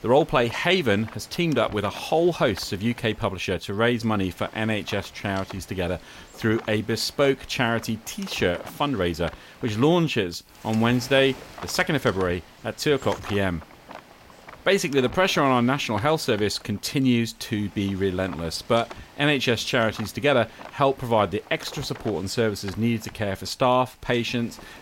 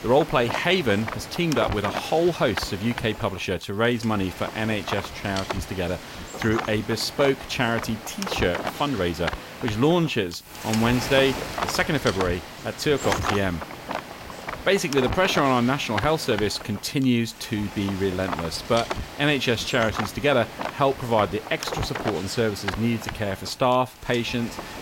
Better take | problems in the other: first | wind noise on the microphone; heavy; 7 dB below the speech; occasional gusts in the first

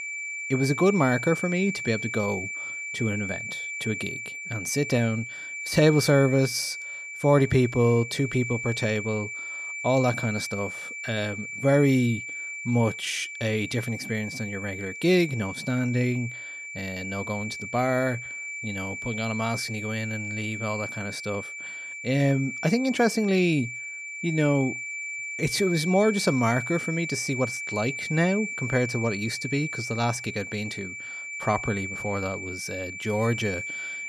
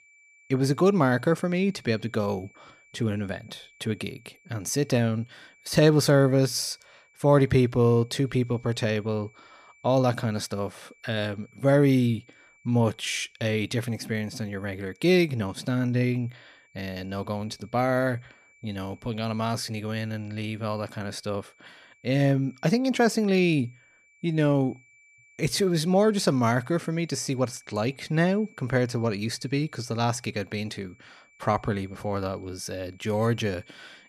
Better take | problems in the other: second | high-pitched whine; loud; throughout; 2.5 kHz, 6 dB below the speech; faint in the second

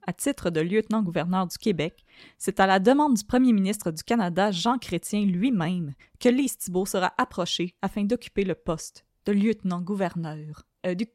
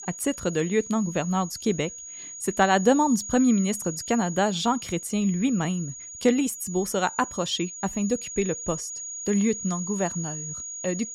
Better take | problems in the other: first | high-pitched whine; loud; throughout; 6.5 kHz, 9 dB below the speech

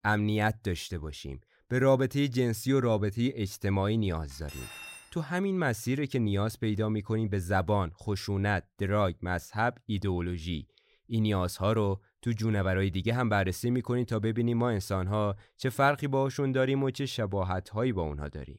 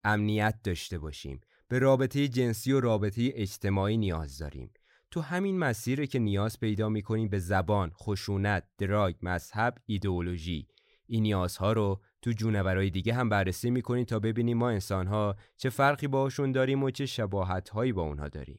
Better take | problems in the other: second | clattering dishes; faint; at 4.5 s; peak 10 dB below the speech

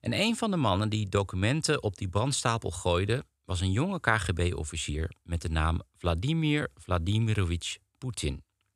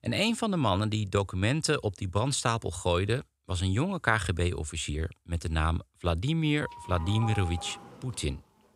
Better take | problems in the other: first | doorbell; noticeable; from 6.5 to 8 s; peak 9 dB below the speech

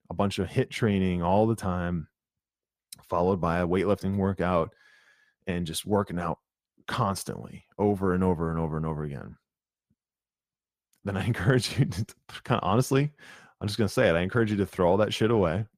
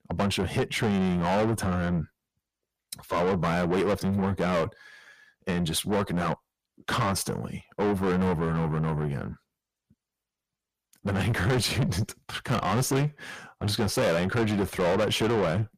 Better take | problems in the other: first | distortion; heavy; 5 dB below the speech

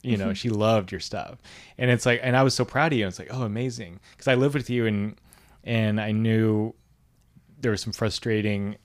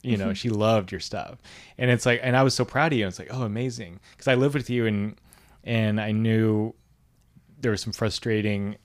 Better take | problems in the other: neither | none

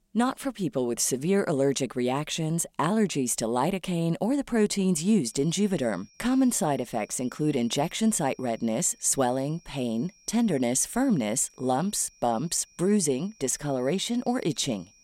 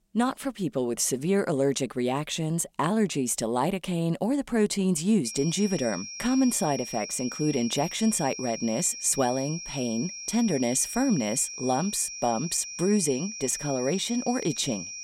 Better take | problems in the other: first | high-pitched whine; loud; from 5.5 s on; 5.5 kHz, 9 dB below the speech; faint in the first

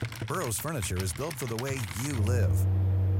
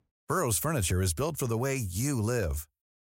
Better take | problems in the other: second | household noises; very loud; throughout; 2 dB above the speech

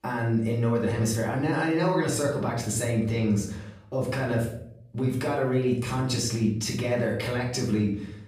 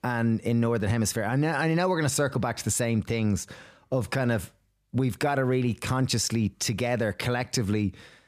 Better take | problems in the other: second | off-mic speech; far // room echo; noticeable; dies away in 0.5 s

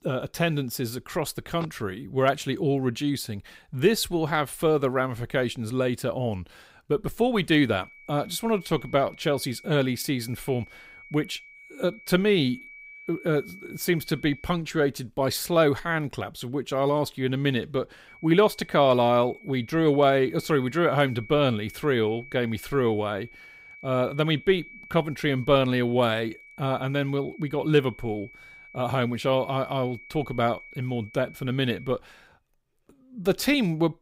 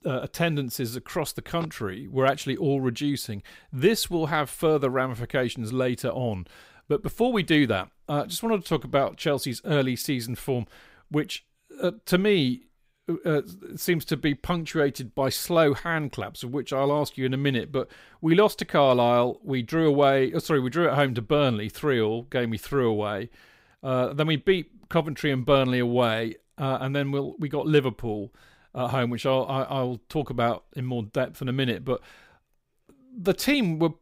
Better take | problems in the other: second | high-pitched whine; noticeable; from 7.5 to 15 s and from 18 to 32 s; 2.5 kHz, 20 dB below the speech

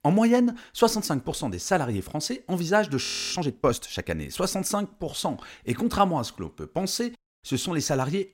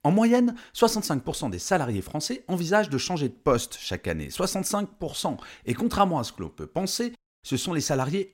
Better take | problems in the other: second | audio freezing; at 3 s

